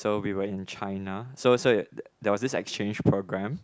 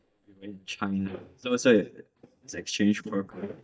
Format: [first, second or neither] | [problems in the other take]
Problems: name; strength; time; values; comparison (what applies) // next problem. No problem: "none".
first | noise reduction (neural mask model DeepFilterNet 3)